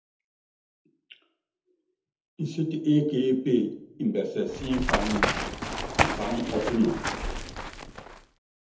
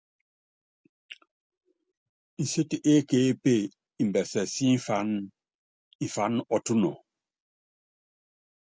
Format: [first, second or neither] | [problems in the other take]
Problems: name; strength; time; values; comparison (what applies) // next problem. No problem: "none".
second | background sound (Run); as loud as the speech // room echo; dies away in 0.9 s